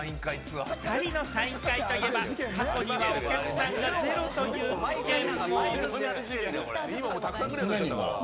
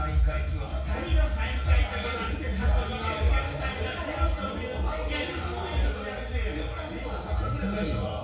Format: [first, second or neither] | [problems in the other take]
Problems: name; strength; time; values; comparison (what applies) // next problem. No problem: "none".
first | room echo; dies away in 0.6 s